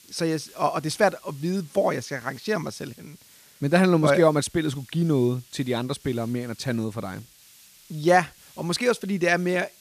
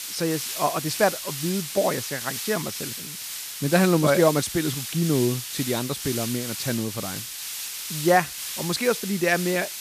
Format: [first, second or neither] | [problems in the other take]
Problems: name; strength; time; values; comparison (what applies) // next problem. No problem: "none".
first | hiss; loud; throughout; 6 dB below the speech; faint in the first